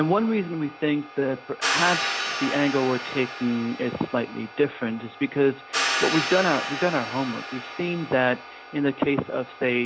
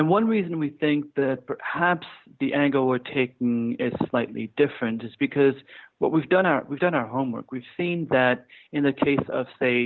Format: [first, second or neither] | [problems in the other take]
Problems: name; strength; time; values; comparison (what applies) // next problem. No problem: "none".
second | background sound (Hi-hat); 6 dB below the speech